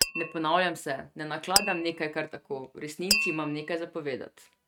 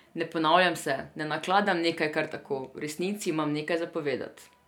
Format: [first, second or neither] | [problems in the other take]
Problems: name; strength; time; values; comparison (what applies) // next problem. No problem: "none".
second | noise reduction (neural mask model RNNoise)